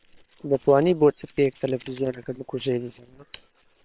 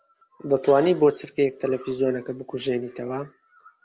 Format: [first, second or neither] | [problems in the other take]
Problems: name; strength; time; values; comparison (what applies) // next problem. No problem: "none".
second | noise reduction (neural separator model SepFormer WHAM!)